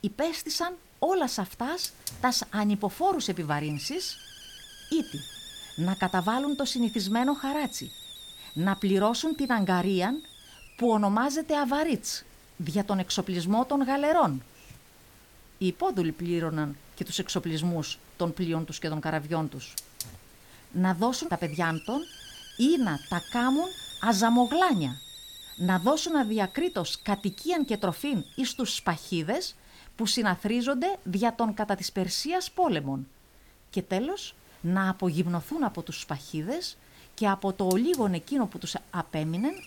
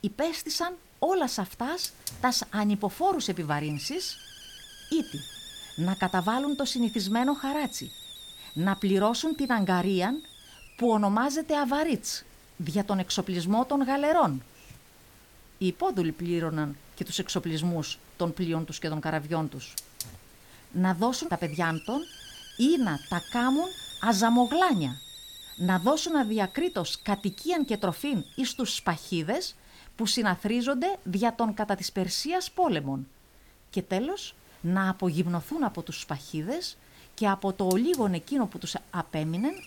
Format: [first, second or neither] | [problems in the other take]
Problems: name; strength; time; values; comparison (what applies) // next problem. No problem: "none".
neither | hiss; noticeable; throughout; 15 dB below the speech; the same in both